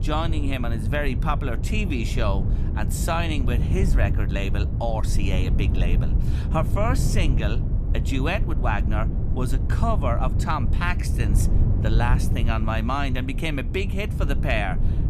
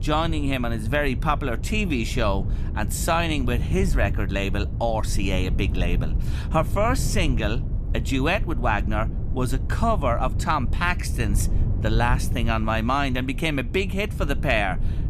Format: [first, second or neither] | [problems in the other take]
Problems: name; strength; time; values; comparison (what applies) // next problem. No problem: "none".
second | wind noise on the microphone; heavy; 9 dB below the speech; occasional gusts in the second